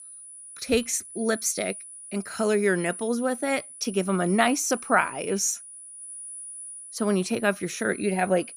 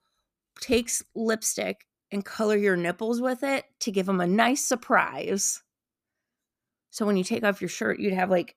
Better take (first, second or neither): second